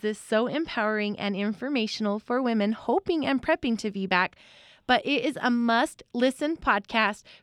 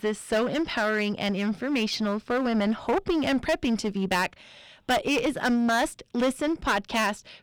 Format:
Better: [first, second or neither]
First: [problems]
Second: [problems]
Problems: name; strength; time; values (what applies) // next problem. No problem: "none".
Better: first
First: none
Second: distortion; heavy; 14% of the sound clipped